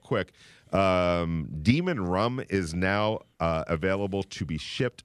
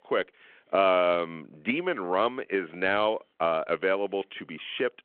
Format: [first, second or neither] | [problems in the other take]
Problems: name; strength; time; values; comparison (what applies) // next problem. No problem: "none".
first | phone-call audio